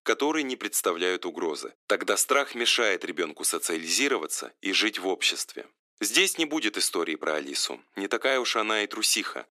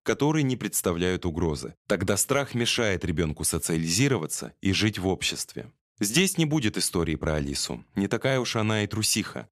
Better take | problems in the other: second | thin; somewhat; fading below 300 Hz

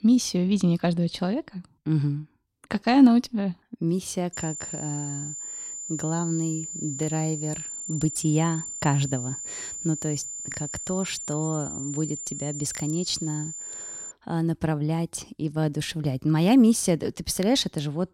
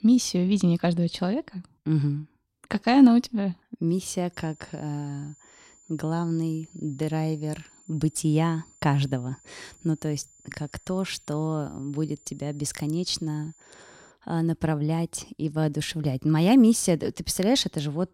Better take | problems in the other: second | high-pitched whine; loud; from 4.5 to 14 s; 7 kHz, 7 dB below the speech; faint in the second

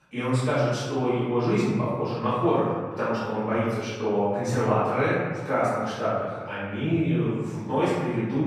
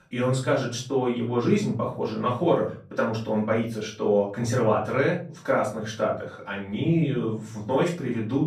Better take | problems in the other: second | room echo; strong; dies away in 1.5 s; slight in the second // off-mic speech; far; far in the second

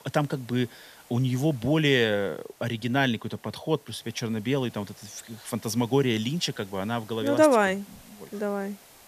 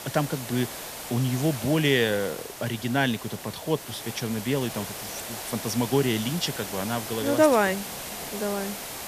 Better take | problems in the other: first | hiss; loud; throughout; 8 dB below the speech; faint in the first

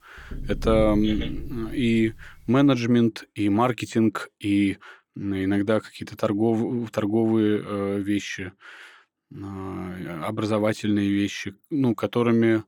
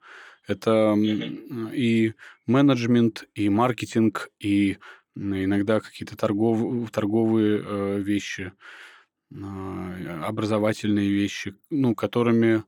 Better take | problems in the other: second | door banging; noticeable; until 2 s; peak 6 dB below the speech

